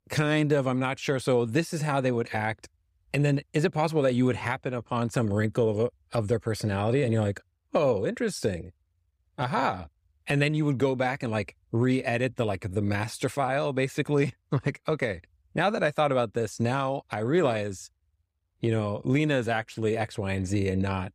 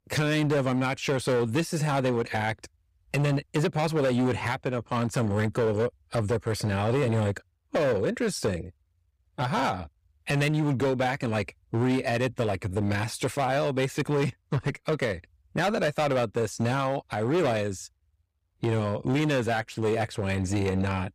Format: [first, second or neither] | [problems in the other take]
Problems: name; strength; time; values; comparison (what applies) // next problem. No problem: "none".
first | distortion; slight; 13% of the sound clipped